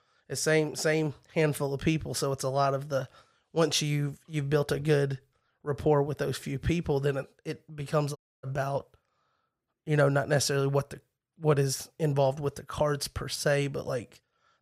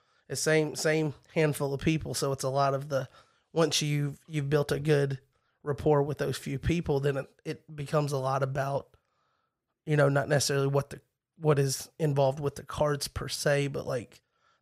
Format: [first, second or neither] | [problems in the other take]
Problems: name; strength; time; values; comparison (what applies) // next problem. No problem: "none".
second | audio cutting out; at 8 s